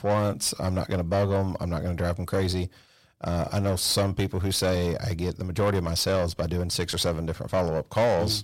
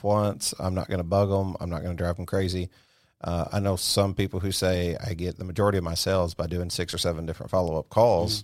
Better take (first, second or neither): second